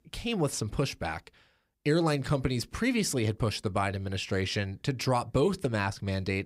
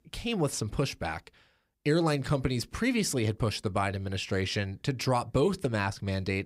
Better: neither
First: none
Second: none

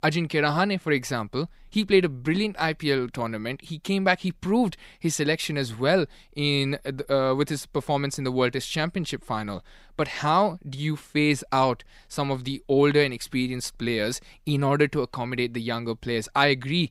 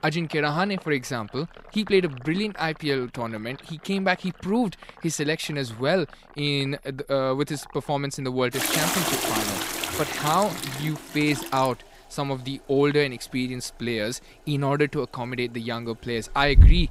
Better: first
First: none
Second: household noises; very loud; throughout; 1 dB above the speech

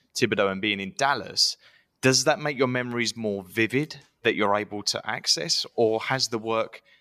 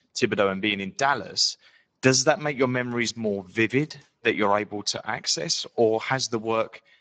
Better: first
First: none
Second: garbled, watery; badly

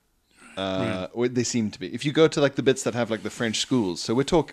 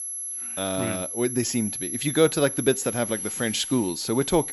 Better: first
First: none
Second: high-pitched whine; loud; throughout; 11 kHz, 5 dB below the speech

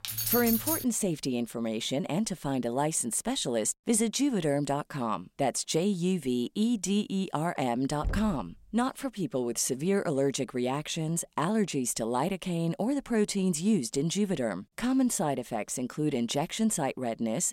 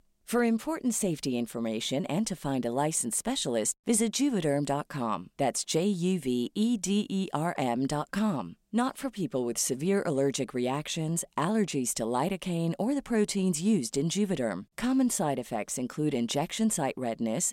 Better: second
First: jangling keys; loud; at the start; peak 2 dB above the speech // door banging; noticeable; at 8 s; peak 8 dB below the speech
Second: none

